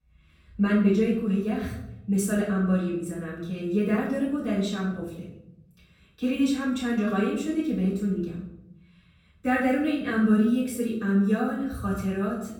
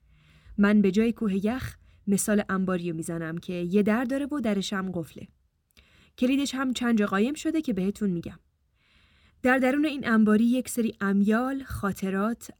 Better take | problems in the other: second | off-mic speech; far // room echo; noticeable; dies away in 0.8 s

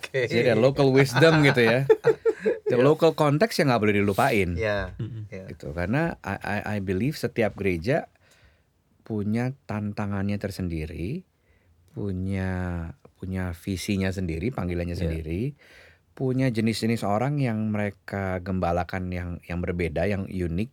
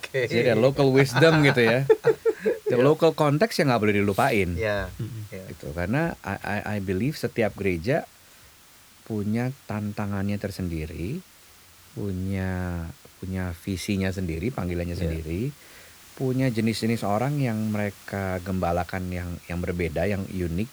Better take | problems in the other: first | hiss; faint; throughout; 25 dB below the speech

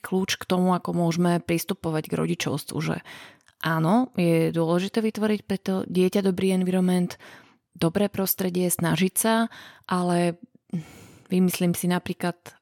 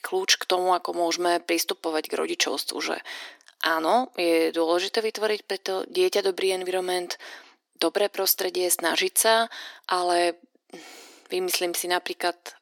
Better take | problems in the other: first | thin; very; fading below 300 Hz

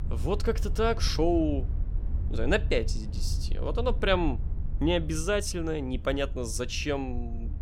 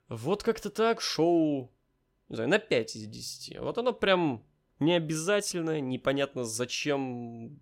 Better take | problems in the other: second | low rumble; faint; throughout; 20 dB below the speech

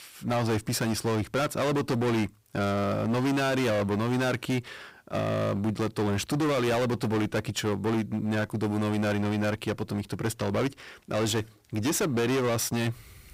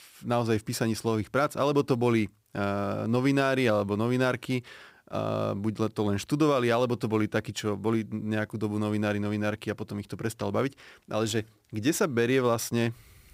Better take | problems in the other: second | distortion; heavy; 23% of the sound clipped

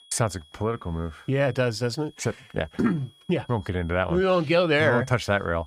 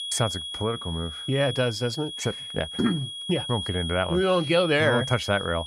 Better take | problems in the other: first | high-pitched whine; loud; throughout; 3.5 kHz, 7 dB below the speech; faint in the first

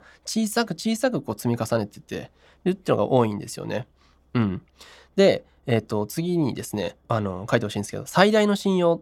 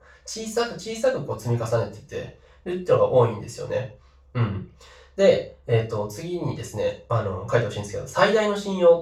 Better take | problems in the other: first | room echo; noticeable; dies away in 0.3 s // off-mic speech; far

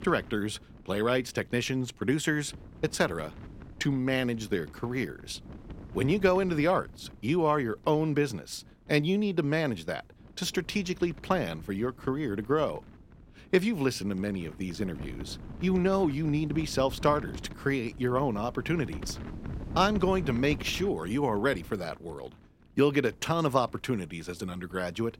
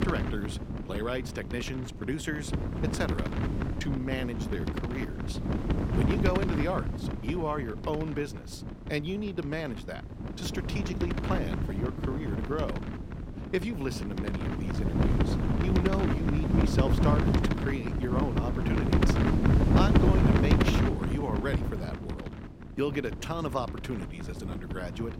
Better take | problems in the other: first | wind noise on the microphone; heavy; as loud as the speech; occasional gusts in the first

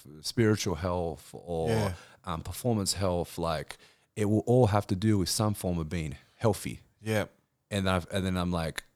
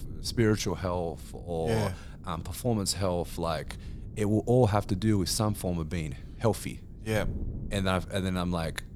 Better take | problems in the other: first | wind noise on the microphone; occasional gusts; 25 dB below the speech

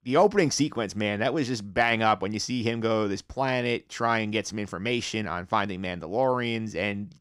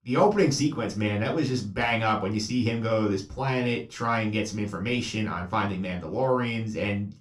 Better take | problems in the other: first | off-mic speech; somewhat distant // room echo; very slight; dies away in 0.3 s

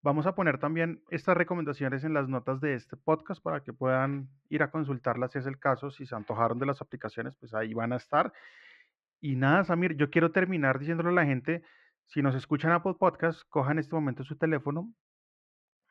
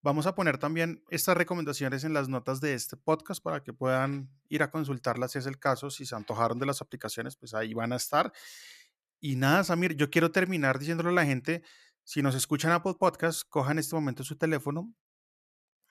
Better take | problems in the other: second | muffled; very; fading above 2.5 kHz

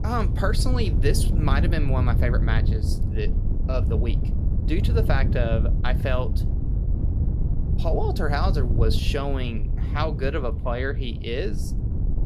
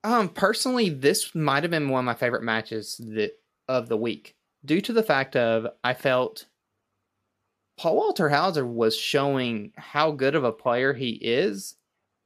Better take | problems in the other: second | wind noise on the microphone; heavy; 9 dB below the speech

